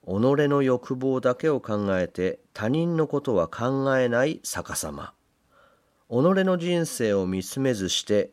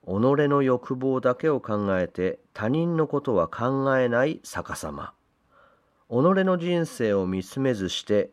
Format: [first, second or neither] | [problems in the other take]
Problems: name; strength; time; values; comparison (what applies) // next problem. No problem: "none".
first | muffled; slightly; fading above 4 kHz